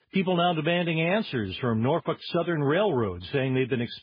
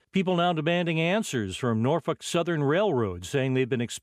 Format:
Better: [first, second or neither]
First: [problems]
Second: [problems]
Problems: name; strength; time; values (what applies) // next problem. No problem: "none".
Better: second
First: garbled, watery; badly; nothing above 5 kHz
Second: none